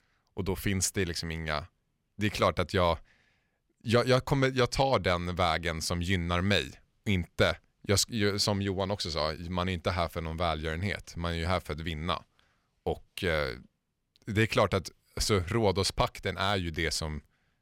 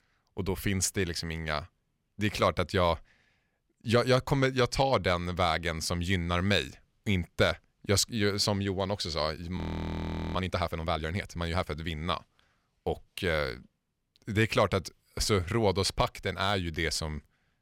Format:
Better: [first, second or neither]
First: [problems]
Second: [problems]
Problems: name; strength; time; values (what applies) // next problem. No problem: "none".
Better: first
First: none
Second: audio freezing; at 9.5 s for 1 s